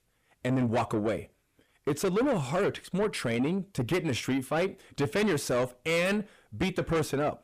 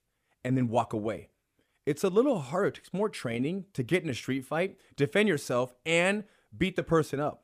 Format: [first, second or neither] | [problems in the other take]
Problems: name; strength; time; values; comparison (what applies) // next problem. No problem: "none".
second | distortion; heavy; 6 dB below the speech